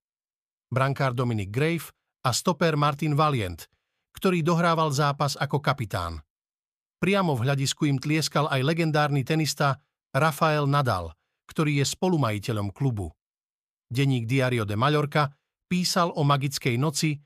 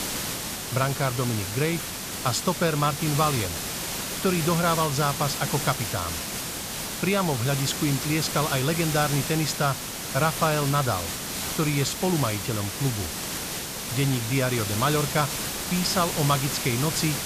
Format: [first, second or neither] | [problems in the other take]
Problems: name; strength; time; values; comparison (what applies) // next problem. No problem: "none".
first | hiss; loud; throughout; 3 dB below the speech